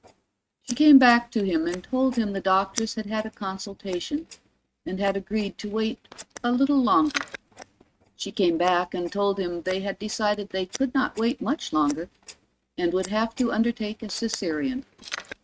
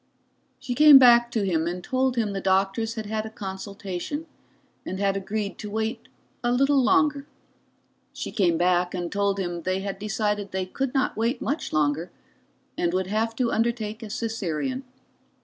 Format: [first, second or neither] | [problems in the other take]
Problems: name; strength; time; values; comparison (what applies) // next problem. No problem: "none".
second | noise reduction (neural mask model RNNoise)